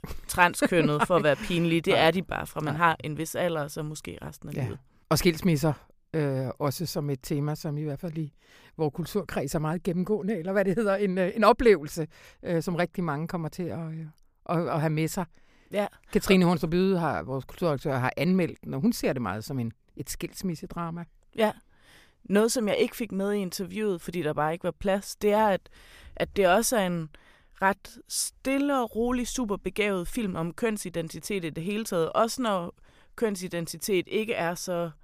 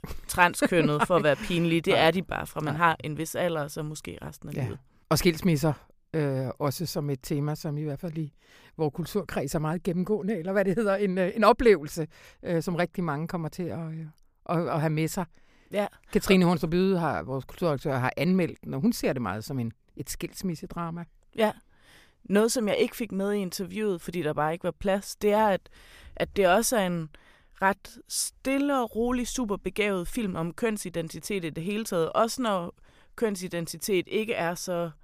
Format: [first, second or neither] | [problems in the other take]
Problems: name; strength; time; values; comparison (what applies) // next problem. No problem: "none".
neither | none